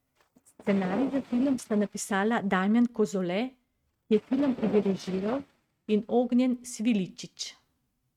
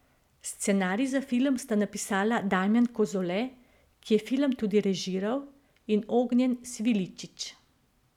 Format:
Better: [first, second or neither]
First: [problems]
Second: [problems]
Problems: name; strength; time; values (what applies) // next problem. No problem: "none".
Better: second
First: noise reduction (neural mask model RNNoise)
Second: none